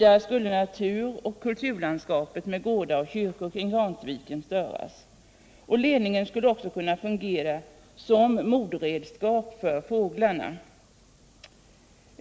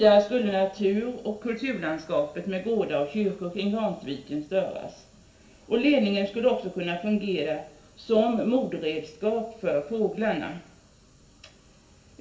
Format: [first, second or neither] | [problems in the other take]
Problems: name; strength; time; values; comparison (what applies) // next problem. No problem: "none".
first | room echo; dies away in 0.4 s